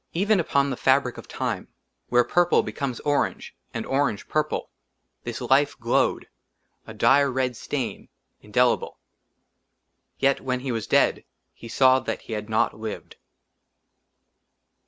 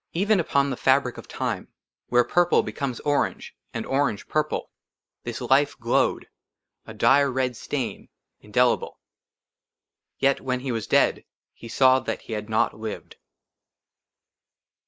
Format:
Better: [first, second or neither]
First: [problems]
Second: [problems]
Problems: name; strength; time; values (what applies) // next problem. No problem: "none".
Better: first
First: none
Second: noise reduction (neural mask model Resemble Enhance denoiser)